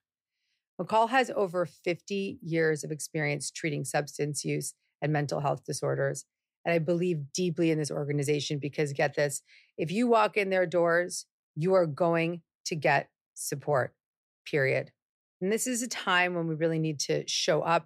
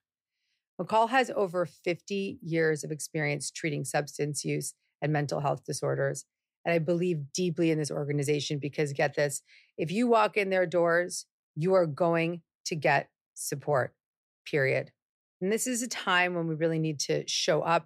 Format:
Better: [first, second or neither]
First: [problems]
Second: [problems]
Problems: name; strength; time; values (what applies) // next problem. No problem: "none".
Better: neither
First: none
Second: none